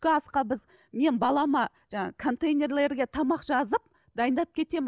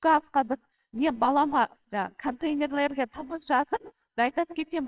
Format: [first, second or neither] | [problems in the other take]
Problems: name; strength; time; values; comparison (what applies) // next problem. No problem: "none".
first | noise reduction (neural separator model SepFormer WHAMR!)